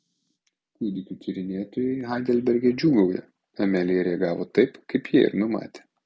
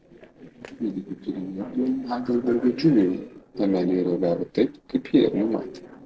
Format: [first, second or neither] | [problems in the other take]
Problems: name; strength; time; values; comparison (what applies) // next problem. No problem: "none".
first | noise reduction (neural separator model SepFormer DNS4)